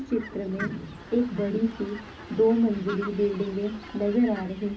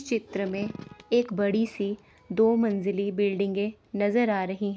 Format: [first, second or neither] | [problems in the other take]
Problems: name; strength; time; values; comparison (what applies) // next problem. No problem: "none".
second | background sound (Fowl); 15 dB below the speech // room echo; dies away in 0.4 s